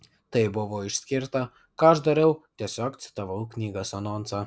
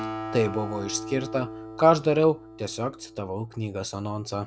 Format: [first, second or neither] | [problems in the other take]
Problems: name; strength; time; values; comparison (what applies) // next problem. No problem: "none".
first | background sound (Acoustic guitar); 12 dB below the speech